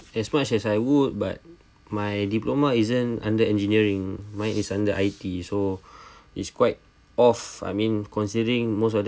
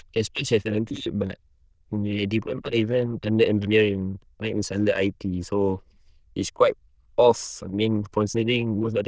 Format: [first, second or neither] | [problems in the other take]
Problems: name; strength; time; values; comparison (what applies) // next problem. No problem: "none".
first | noise reduction (neural diffusion model UNIVERSE++)